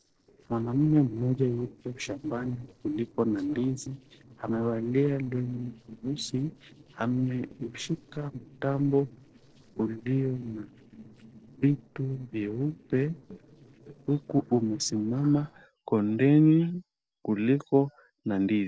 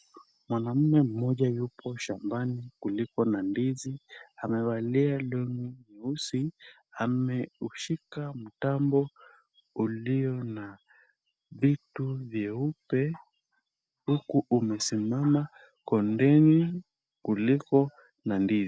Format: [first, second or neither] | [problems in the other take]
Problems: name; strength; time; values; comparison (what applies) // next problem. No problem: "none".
second | noise reduction (neural separator model SepFormer DNS4)